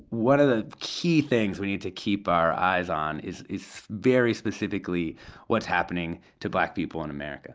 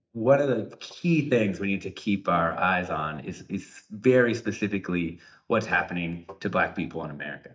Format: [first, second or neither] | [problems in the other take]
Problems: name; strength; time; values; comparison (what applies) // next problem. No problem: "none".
first | noise reduction (neural mask model DeepFilterNet 3)